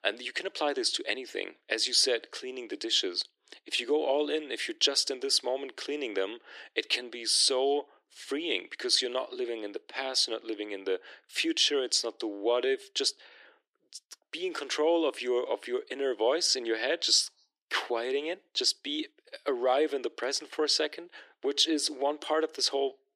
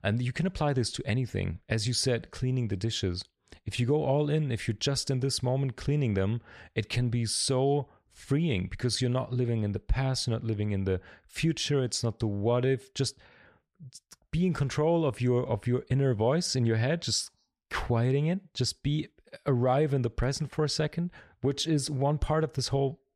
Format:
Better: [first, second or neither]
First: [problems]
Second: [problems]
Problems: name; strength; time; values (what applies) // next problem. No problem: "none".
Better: second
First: thin; very; fading below 300 Hz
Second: none